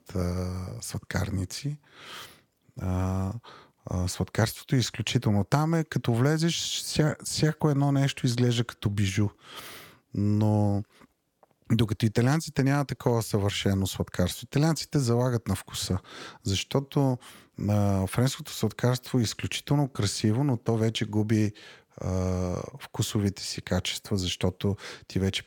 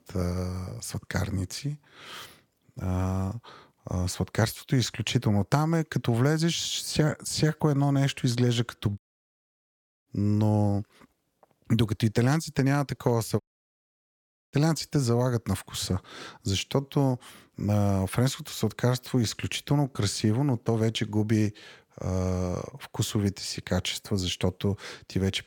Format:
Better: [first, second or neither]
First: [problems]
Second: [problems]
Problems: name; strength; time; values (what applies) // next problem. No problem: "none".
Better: first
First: none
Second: audio cutting out; at 9 s for 1 s and at 13 s for 1 s